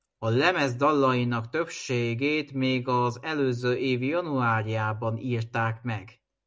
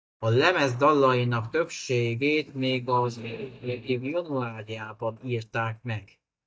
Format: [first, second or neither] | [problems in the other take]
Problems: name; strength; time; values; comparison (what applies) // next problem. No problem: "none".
first | noise reduction (neural mask model DeepFilterNet 3)